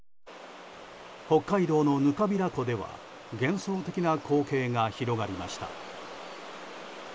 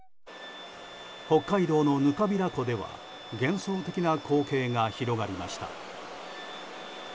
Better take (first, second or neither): first